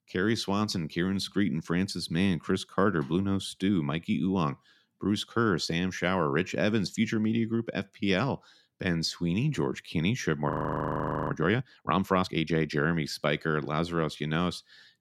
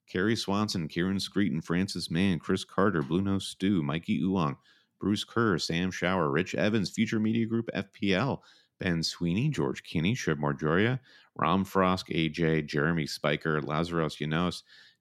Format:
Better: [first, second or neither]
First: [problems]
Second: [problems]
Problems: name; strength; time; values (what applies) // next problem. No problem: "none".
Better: second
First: audio freezing; at 10 s for 1 s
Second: none